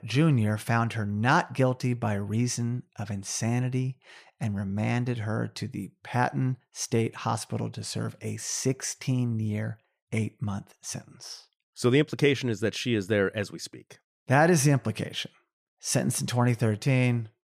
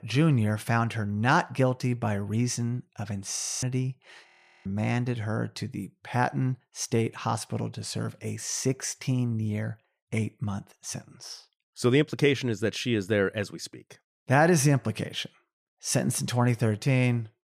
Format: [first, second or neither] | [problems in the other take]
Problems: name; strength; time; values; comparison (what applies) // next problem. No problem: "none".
first | audio freezing; at 3.5 s and at 4.5 s